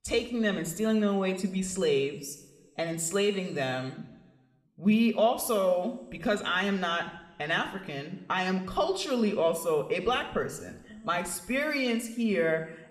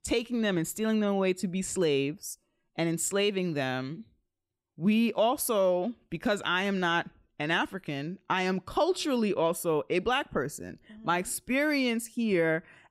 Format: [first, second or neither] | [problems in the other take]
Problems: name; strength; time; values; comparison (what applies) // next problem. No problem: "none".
second | room echo; slight; dies away in 0.8 s